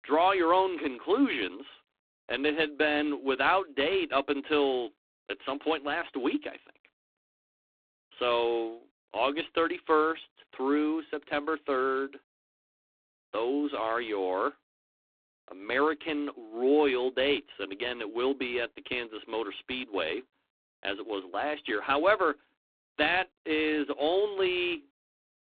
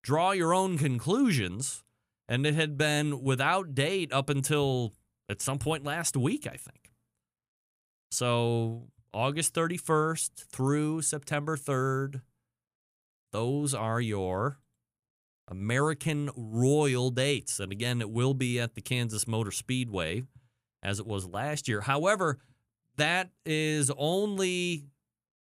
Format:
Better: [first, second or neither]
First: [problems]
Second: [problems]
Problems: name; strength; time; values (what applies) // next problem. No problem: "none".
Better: second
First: phone-call audio; poor line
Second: none